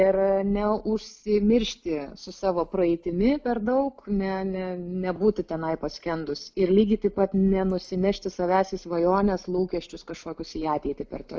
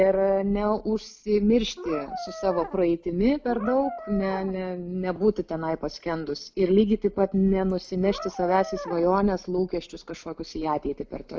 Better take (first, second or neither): first